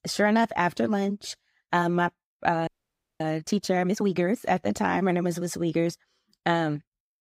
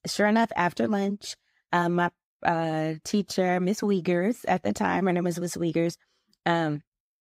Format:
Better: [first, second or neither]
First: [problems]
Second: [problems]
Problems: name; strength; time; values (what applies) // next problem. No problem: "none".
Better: second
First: audio freezing; at 2.5 s for 0.5 s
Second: none